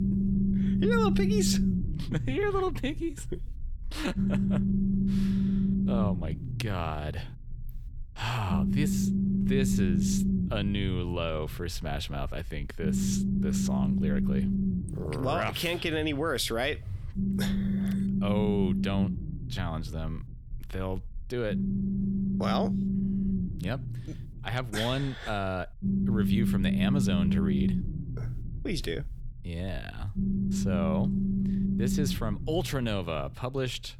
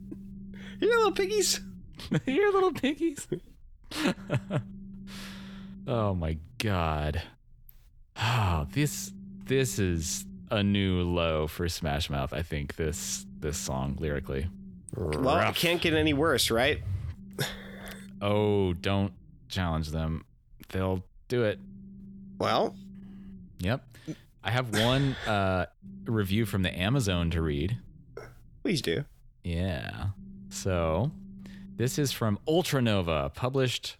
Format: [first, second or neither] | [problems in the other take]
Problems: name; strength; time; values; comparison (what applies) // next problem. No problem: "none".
second | low rumble; loud; throughout; 2 dB below the speech; faint in the second